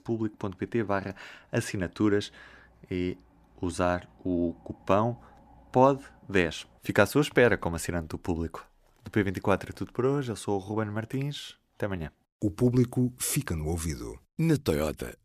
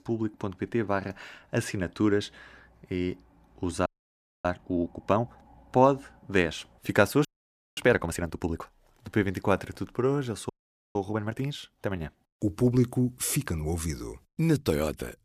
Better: first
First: none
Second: audio freezing; at 4 s for 0.5 s, at 7.5 s for 0.5 s and at 11 s

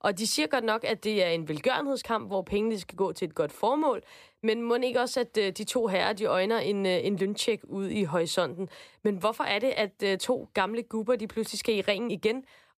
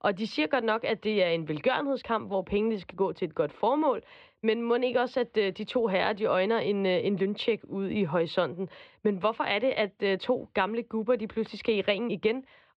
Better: first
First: none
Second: muffled; slightly; fading above 3.5 kHz

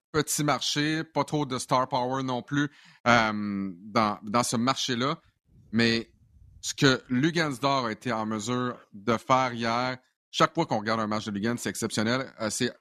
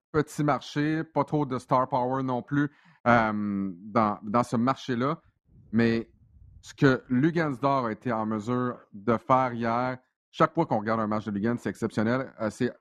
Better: first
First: none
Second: muffled; very; fading above 2.5 kHz

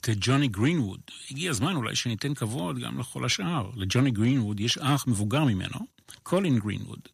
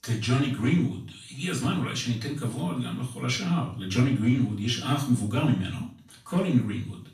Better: first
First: none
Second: off-mic speech; far // room echo; slight; dies away in 0.4 s

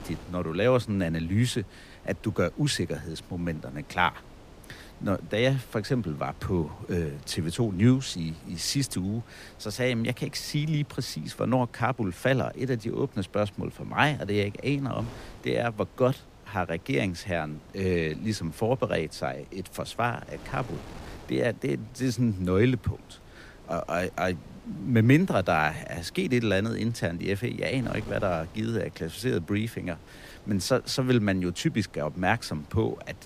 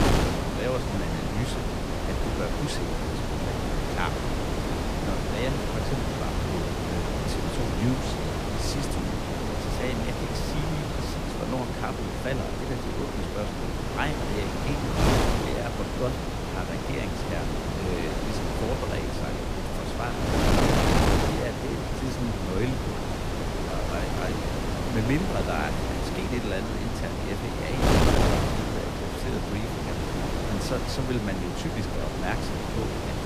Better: first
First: wind noise on the microphone; occasional gusts; 20 dB below the speech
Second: wind noise on the microphone; heavy; 5 dB above the speech

